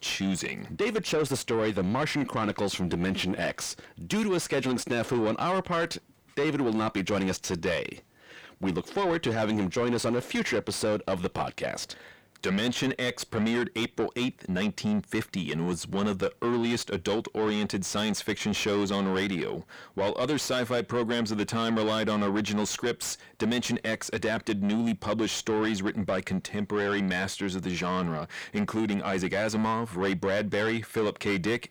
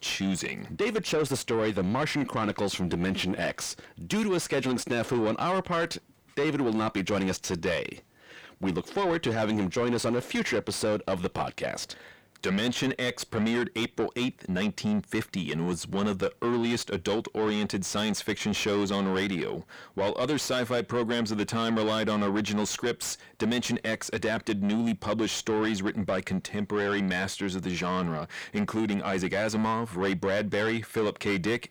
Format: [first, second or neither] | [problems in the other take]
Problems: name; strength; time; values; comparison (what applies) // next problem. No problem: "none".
neither | distortion; heavy; 8 dB below the speech; the same in both